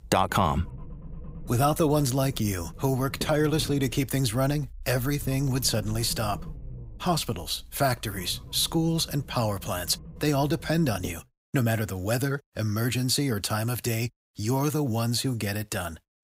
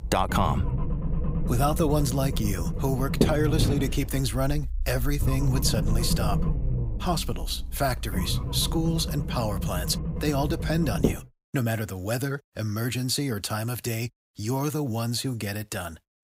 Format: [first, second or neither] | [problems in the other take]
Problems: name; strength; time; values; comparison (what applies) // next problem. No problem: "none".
first | low rumble; loud; until 11 s; 7 dB below the speech; faint in the first